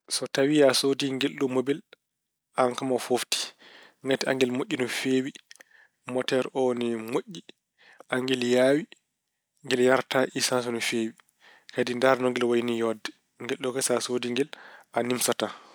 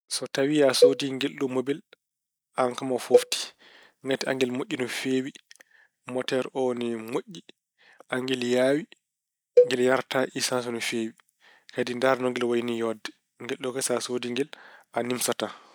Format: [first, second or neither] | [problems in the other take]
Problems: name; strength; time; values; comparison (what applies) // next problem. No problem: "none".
first | noise reduction (neural mask model DeepFilterNet 3)